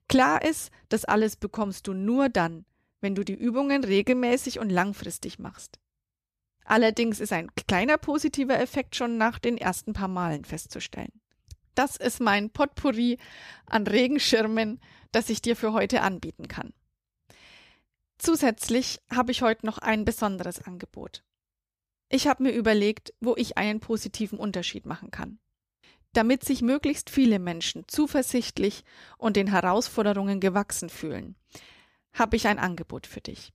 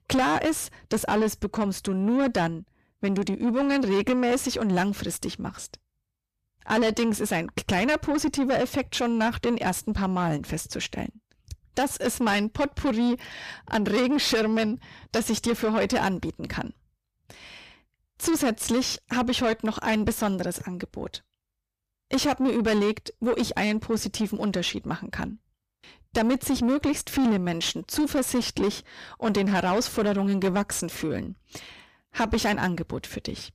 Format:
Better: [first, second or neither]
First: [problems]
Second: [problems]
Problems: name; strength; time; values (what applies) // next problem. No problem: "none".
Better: first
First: none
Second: distortion; heavy; 8 dB below the speech